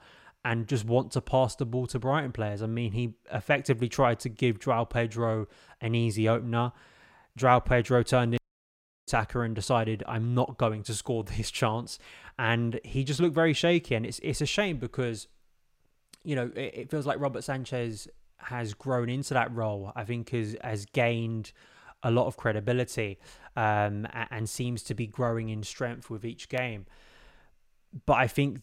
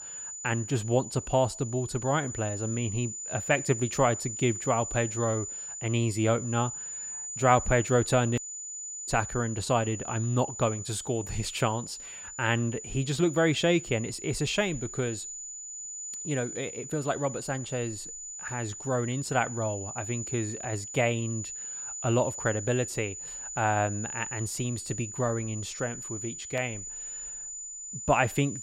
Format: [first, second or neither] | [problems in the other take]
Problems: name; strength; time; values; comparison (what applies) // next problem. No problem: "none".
first | high-pitched whine; loud; throughout; 7 kHz, 7 dB below the speech